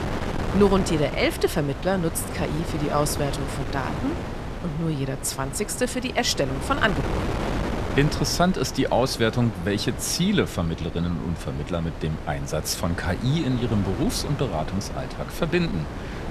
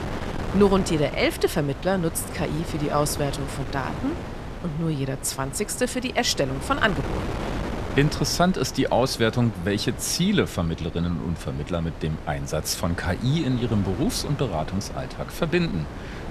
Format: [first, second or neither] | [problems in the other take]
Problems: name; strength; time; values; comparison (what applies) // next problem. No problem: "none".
second | wind noise on the microphone; heavy; 8 dB below the speech; occasional gusts in the second